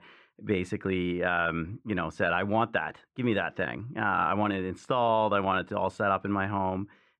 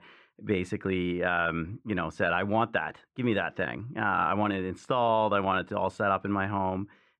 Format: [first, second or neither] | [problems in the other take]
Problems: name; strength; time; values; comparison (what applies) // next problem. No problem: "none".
neither | muffled; very; fading above 2 kHz; the same in both